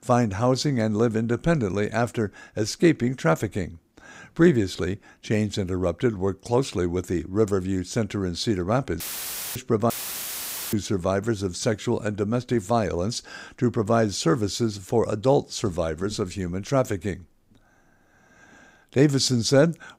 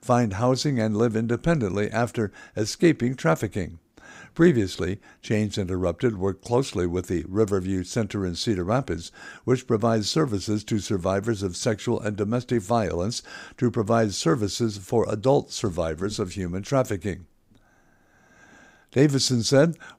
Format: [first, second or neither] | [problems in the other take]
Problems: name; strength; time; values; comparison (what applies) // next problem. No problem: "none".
second | audio cutting out; filled with static; at 9 s for 0.5 s and at 10 s for 1 s